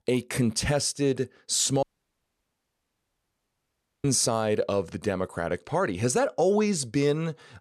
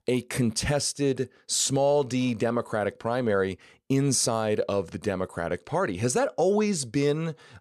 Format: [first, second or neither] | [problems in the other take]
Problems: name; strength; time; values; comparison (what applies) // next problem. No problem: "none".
second | audio cutting out; at 2 s for 2 s